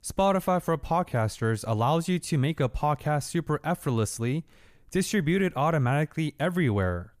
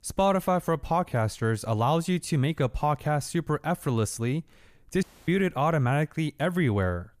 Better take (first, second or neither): first